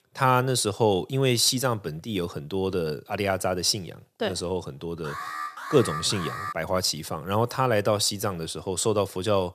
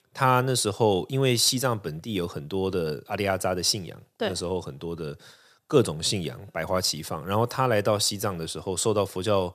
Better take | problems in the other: second | alarm; noticeable; from 5 to 6.5 s; peak 7 dB below the speech

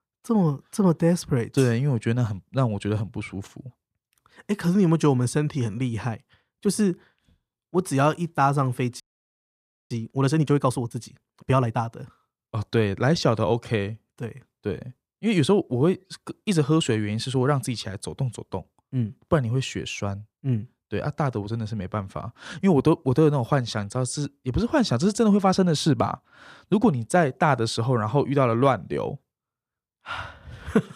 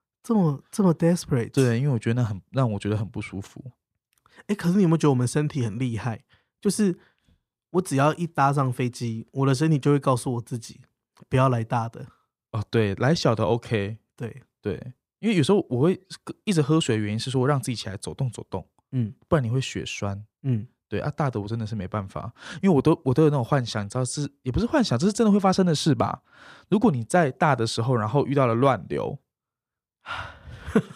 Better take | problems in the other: second | audio freezing; at 9 s for 1 s

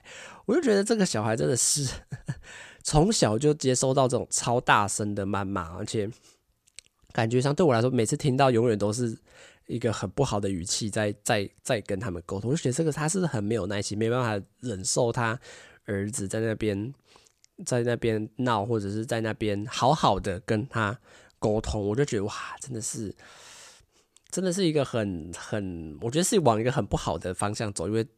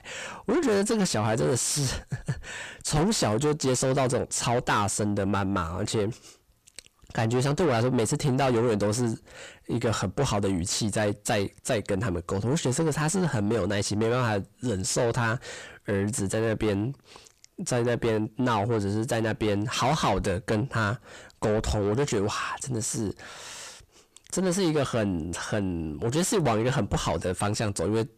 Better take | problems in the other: first | distortion; heavy; 7 dB below the speech

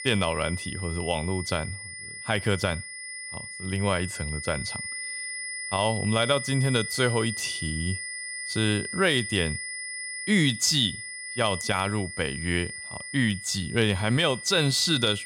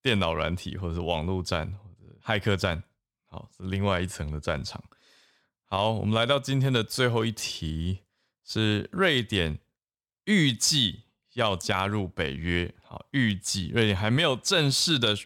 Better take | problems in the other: second | high-pitched whine; loud; throughout; 2 kHz, 8 dB below the speech

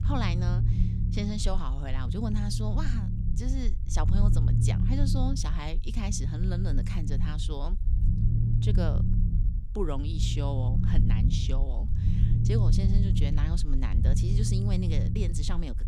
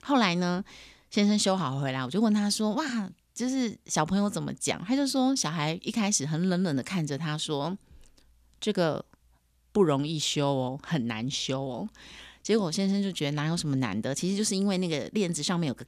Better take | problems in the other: second | low rumble; loud; throughout; 3 dB below the speech

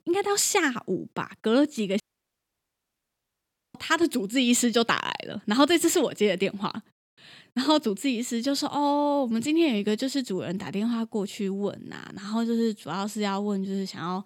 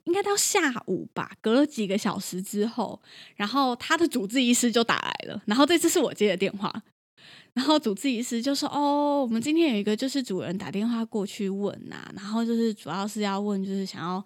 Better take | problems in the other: second | audio cutting out; at 2 s for 1.5 s

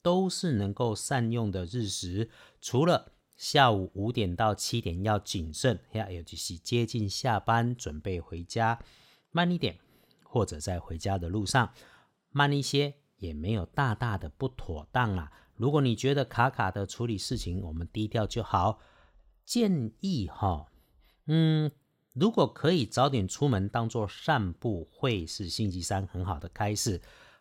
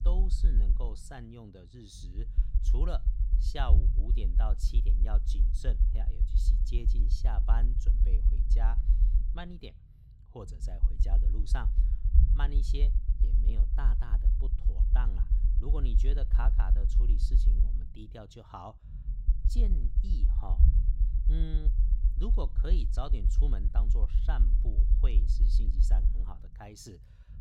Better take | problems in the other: first | low rumble; loud; throughout; 5 dB below the speech

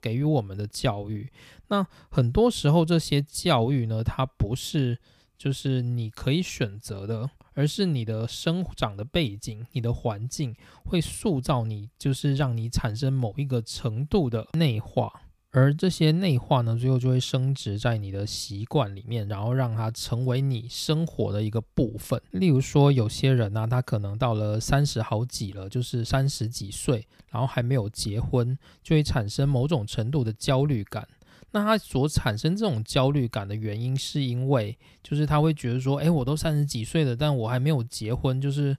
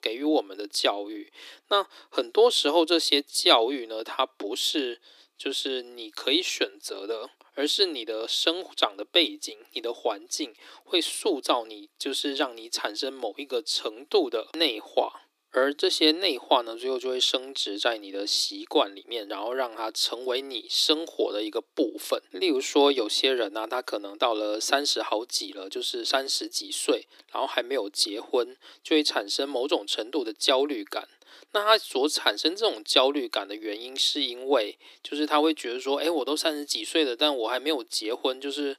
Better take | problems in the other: first | thin; very; fading below 300 Hz

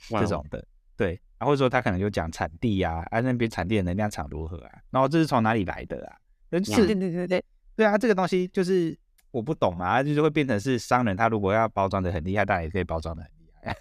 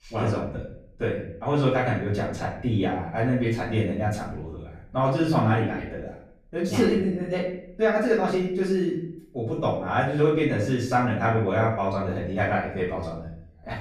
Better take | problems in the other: first | off-mic speech; far // room echo; noticeable; dies away in 0.6 s

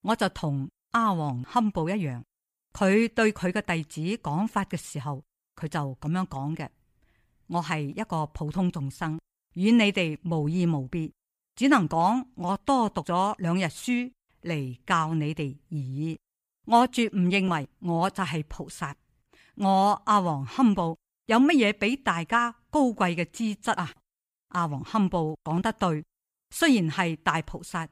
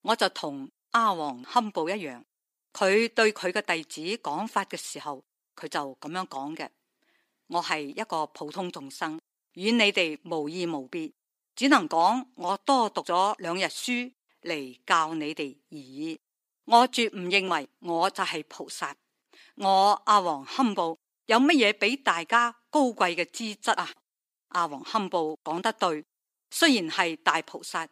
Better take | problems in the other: first | thin; somewhat; fading below 300 Hz

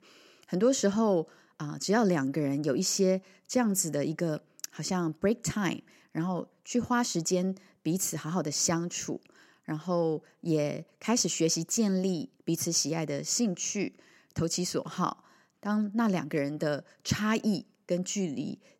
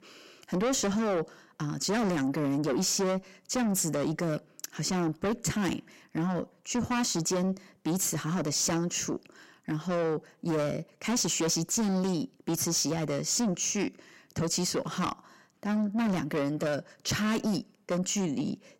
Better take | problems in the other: first | distortion; heavy; 7 dB below the speech

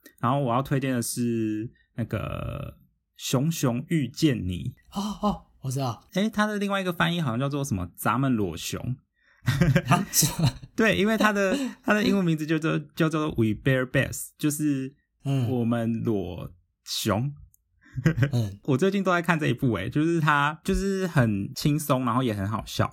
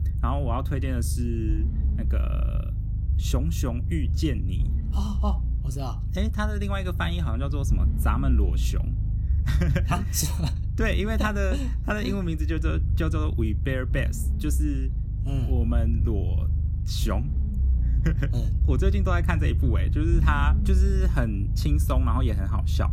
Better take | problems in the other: first | low rumble; noticeable; throughout; 10 dB below the speech

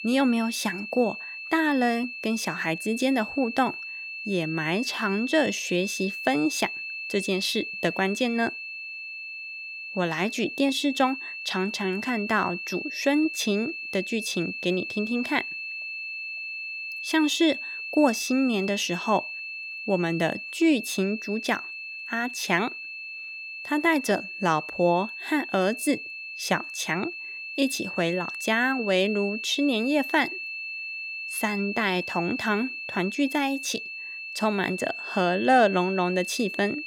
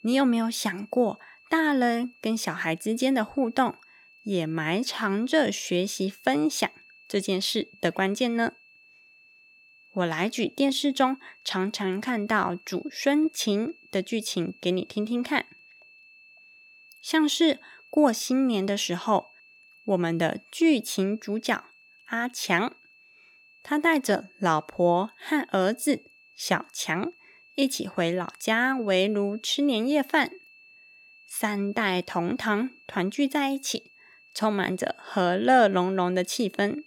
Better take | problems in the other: second | high-pitched whine; loud; throughout; 2.5 kHz, 7 dB below the speech; faint in the second

